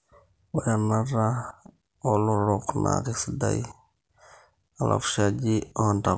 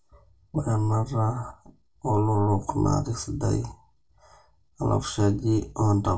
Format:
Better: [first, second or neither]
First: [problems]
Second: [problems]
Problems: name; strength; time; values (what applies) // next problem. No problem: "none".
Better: first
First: none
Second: room echo; dies away in 0.2 s